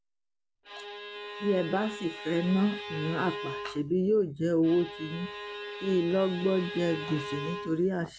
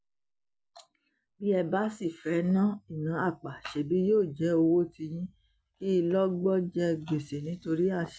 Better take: second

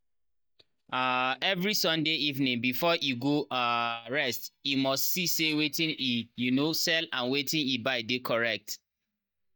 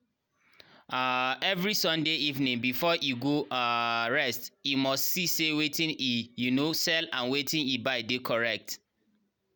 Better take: second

